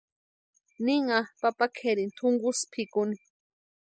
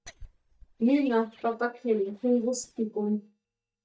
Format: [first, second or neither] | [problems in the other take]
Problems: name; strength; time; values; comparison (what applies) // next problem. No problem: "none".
first | noise reduction (neural mask model DeepFilterNet 3)